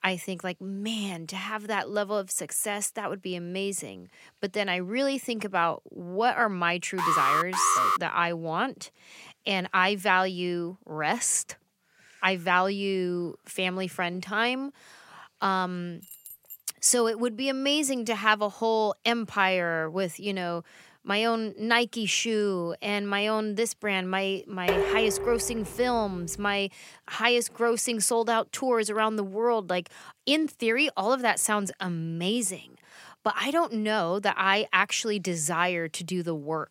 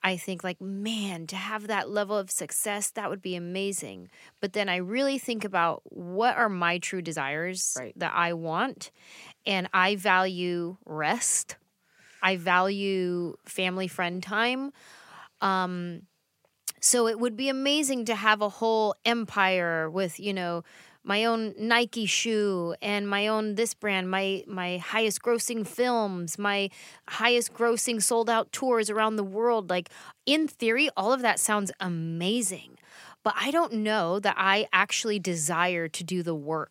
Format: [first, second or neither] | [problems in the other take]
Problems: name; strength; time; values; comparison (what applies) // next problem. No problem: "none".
second | alarm; loud; at 7 s; peak 4 dB above the speech // jangling keys; faint; at 16 s; peak 15 dB below the speech // clattering dishes; loud; at 25 s; peak 1 dB above the speech